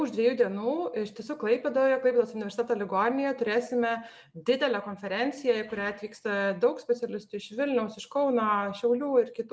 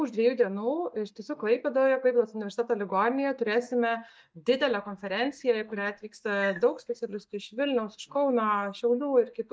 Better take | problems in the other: first | noise reduction (neural mask model DeepFilterNet 3)

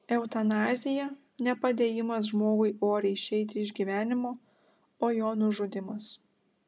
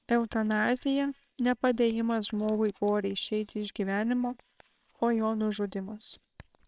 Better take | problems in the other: first | noise reduction (neural separator model SepFormer WHAMR!)

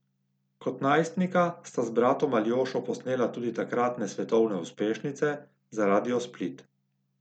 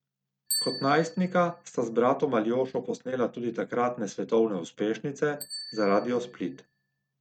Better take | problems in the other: first | noise reduction (neural mask model RNNoise)

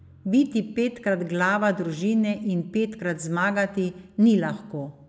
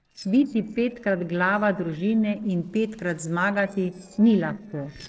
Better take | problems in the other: first | noise reduction (neural separator model SepFormer DNS4)

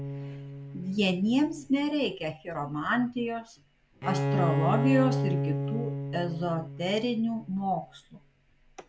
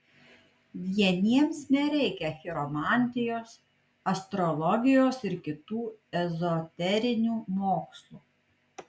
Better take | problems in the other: second | background sound (Bowed string instrument); 3 dB below the speech

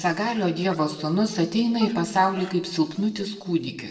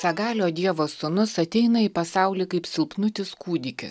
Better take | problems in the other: second | noise reduction (neural separator model SepFormer DNS4)

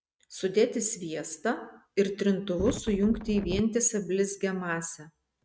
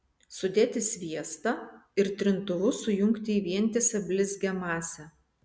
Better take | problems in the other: second | noise reduction (neural mask model RNNoise)

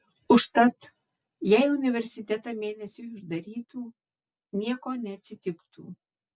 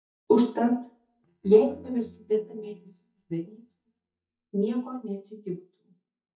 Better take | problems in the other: first | noise reduction (neural mask model DeepFilterNet 3)

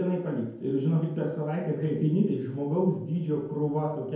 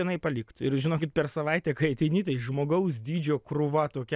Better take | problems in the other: second | room echo; dies away in 0.9 s

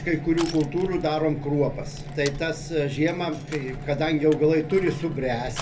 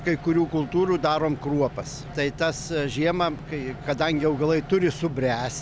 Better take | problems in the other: second | background sound (Crushing); 15 dB below the speech // room echo; dies away in 0.3 s

